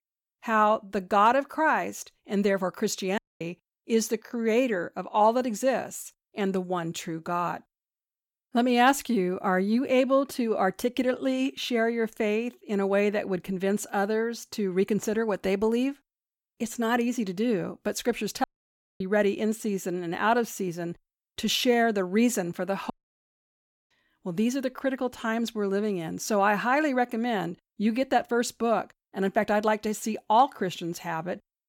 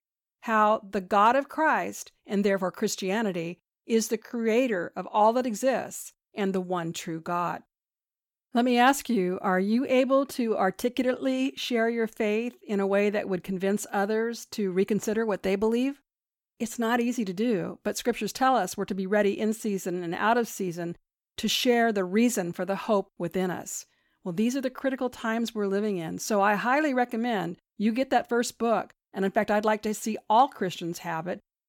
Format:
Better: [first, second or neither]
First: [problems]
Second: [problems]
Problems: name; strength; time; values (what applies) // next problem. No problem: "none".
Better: second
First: audio cutting out; at 3 s, at 18 s for 0.5 s and at 23 s for 1 s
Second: none